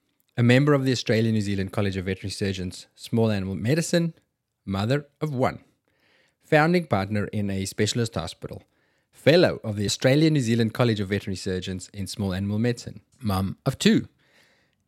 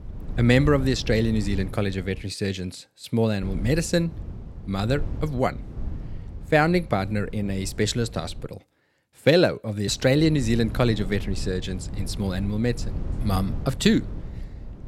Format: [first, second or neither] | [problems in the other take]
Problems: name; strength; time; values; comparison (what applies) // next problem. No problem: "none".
first | wind noise on the microphone; occasional gusts; until 2 s, from 3.5 to 8.5 s and from 10 s on; 20 dB below the speech